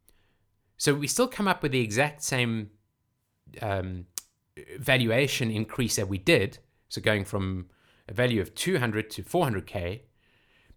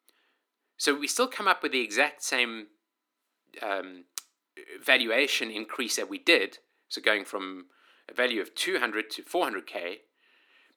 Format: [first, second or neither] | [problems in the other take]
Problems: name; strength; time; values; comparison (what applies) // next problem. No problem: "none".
first | thin; somewhat; fading below 250 Hz